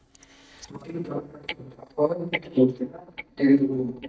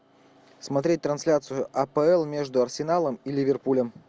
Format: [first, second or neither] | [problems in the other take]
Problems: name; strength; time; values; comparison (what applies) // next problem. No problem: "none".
second | noise reduction (neural mask model DeepFilterNet 3)